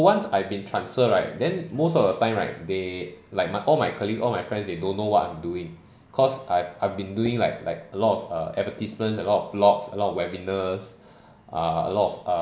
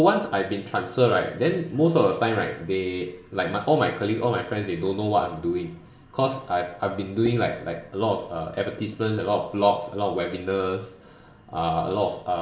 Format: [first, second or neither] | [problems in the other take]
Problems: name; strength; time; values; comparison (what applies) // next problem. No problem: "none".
first | room echo; dies away in 0.4 s